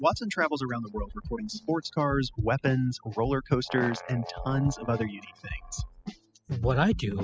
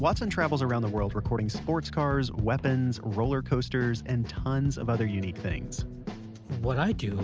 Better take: second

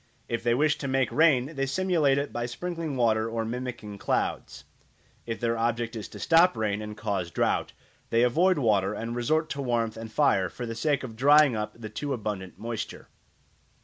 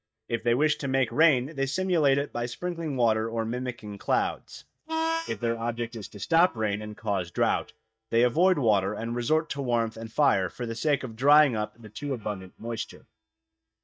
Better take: first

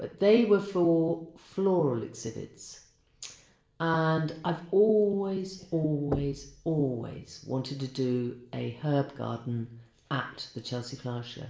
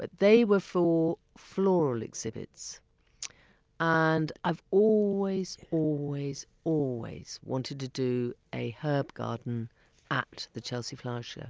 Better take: second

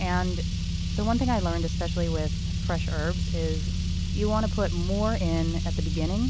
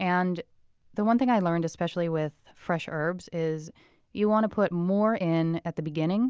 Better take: second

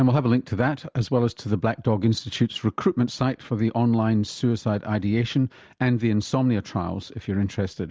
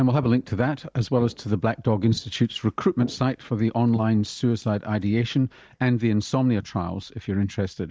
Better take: first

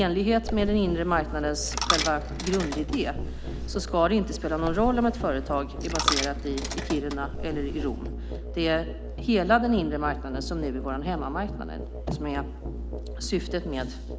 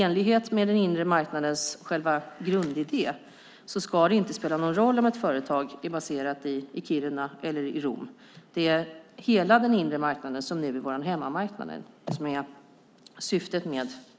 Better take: second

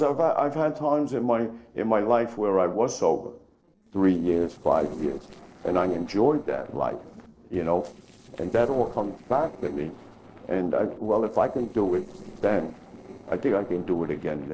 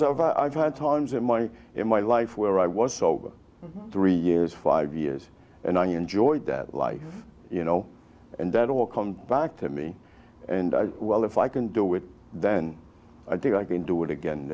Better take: second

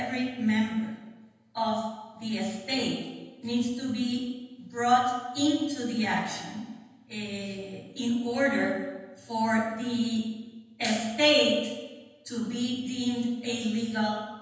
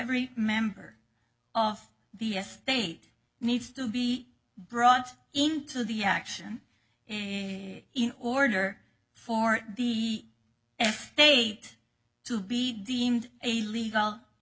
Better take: second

